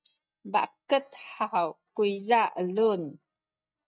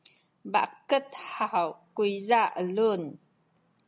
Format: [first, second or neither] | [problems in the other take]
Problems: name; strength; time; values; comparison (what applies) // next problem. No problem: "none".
second | noise reduction (neural mask model DeepFilterNet 3)